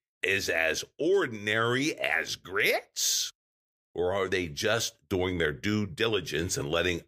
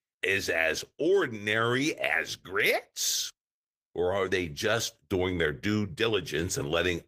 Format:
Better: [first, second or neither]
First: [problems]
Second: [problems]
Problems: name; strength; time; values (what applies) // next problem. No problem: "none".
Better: first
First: none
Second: garbled, watery; slightly; nothing above 15 kHz